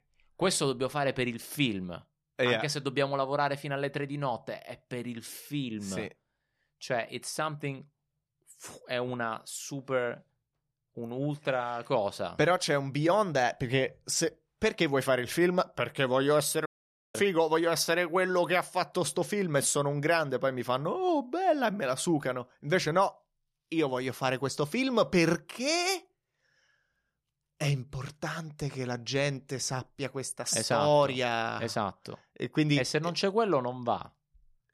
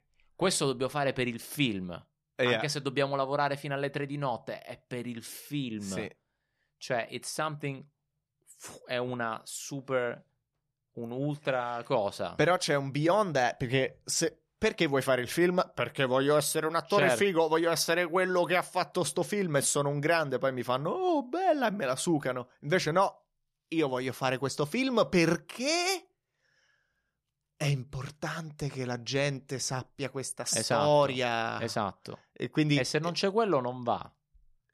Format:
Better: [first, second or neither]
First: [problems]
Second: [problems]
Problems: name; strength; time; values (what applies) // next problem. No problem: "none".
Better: second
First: audio cutting out; at 17 s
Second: none